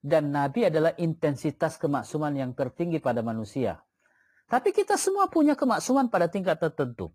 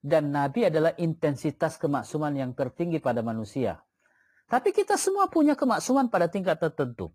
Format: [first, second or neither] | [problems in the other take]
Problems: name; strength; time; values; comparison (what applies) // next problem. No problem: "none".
neither | garbled, watery; slightly; nothing above 15 kHz; the same in both